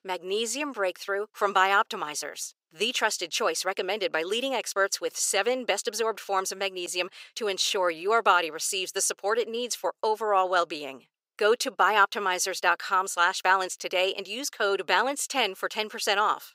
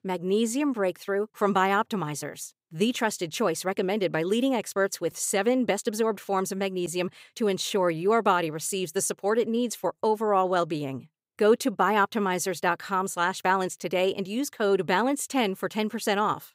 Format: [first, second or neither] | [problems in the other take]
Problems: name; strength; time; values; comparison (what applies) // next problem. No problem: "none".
second | thin; somewhat; fading below 500 Hz